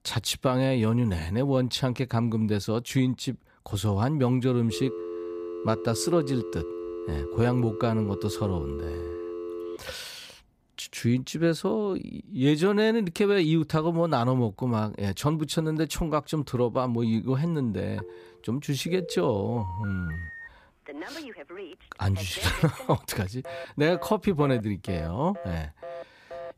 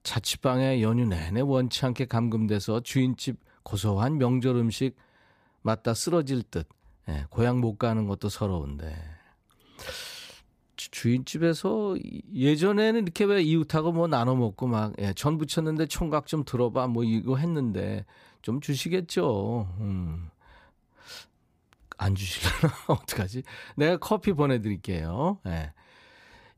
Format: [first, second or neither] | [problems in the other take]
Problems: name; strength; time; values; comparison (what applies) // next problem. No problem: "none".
second | phone ringing; noticeable; from 4.5 to 10 s; peak 8 dB below the speech // phone ringing; faint; from 18 s on; peak 10 dB below the speech